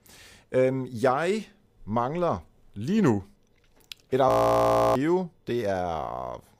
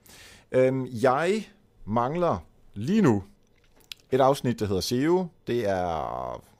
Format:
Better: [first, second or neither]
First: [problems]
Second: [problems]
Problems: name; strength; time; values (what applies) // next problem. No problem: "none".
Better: second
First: audio freezing; at 4.5 s for 0.5 s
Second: none